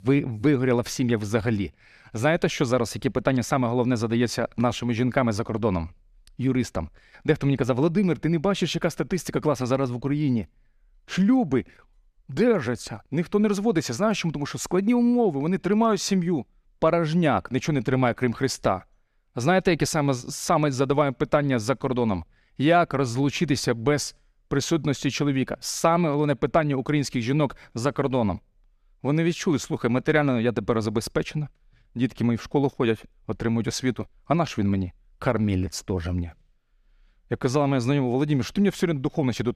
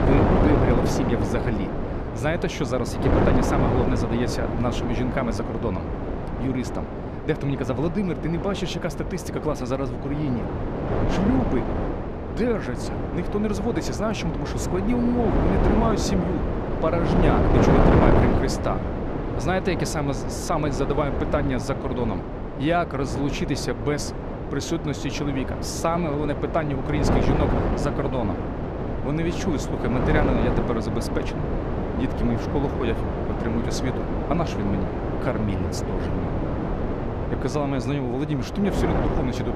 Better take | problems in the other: first | wind noise on the microphone; heavy; as loud as the speech

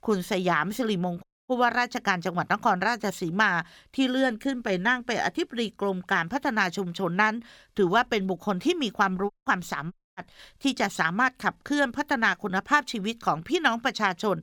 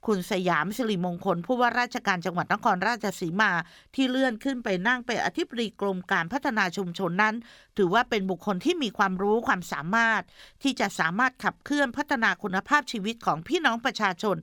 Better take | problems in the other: second | audio cutting out; at 1 s, at 9.5 s and at 10 s

